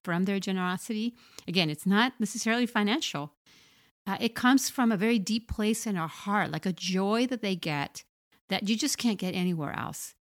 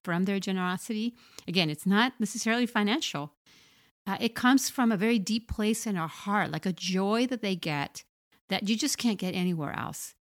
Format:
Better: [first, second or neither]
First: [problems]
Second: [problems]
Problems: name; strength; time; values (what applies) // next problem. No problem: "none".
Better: neither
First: none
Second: none